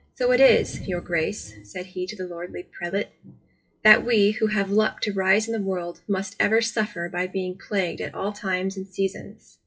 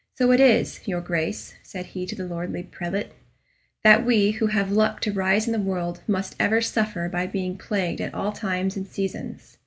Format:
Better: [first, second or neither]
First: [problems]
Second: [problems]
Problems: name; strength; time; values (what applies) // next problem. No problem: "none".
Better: second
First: noise reduction (classical method WPE with log-MMSE)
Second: none